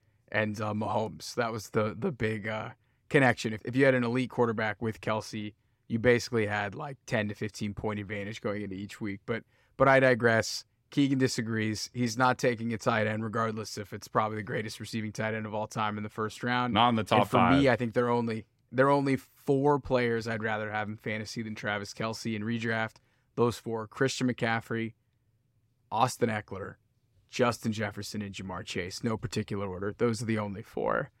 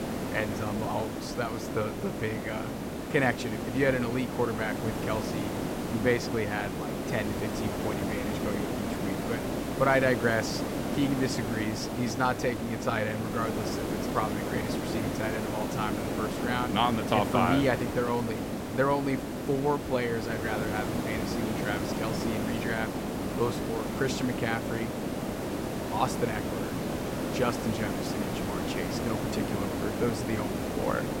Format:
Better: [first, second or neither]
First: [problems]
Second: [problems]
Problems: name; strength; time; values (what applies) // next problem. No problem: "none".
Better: first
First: none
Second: hiss; loud; throughout; 1 dB below the speech